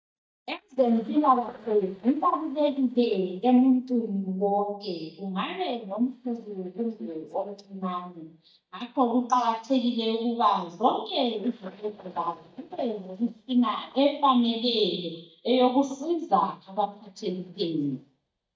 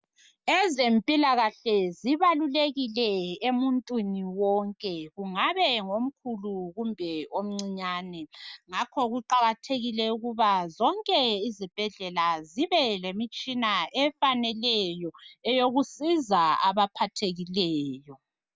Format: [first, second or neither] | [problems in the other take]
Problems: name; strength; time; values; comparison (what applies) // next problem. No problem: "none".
second | noise reduction (neural mask model DeepFilterNet 3)